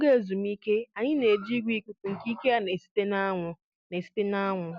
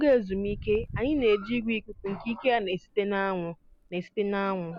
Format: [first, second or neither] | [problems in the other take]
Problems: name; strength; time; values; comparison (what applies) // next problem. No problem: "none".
first | background sound (Walk, footsteps); 16 dB below the speech